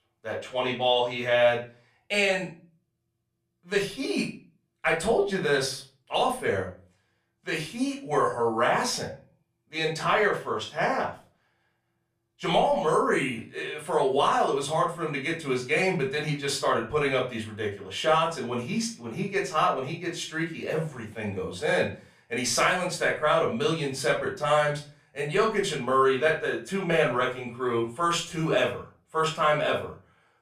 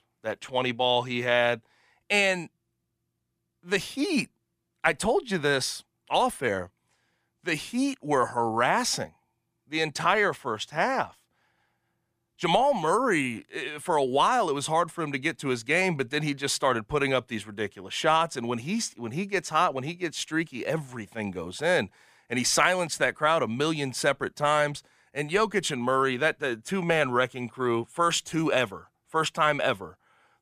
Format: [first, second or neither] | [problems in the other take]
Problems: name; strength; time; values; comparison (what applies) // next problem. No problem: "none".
second | room echo; slight; dies away in 0.3 s // off-mic speech; far